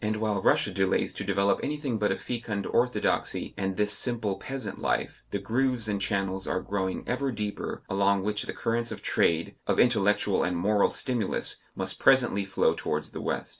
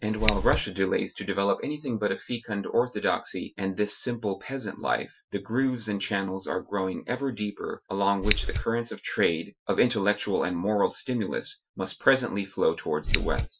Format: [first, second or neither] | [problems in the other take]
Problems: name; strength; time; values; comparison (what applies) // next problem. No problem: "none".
first | noise reduction (classical method Wiener filter)